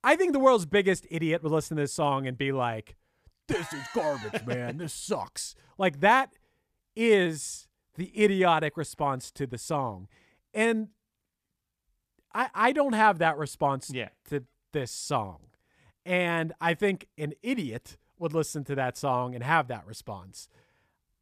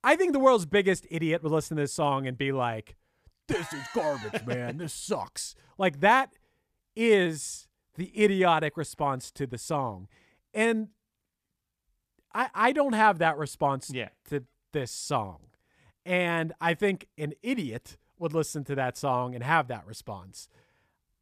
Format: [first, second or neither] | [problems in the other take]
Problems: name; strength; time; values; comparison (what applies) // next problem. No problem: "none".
neither | none